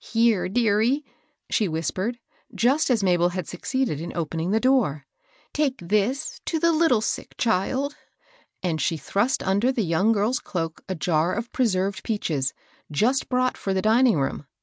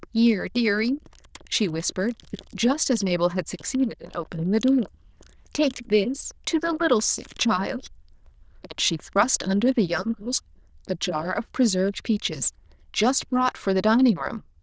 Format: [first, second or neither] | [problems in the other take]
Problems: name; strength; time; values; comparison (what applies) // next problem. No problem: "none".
first | noise reduction (neural diffusion model UNIVERSE++)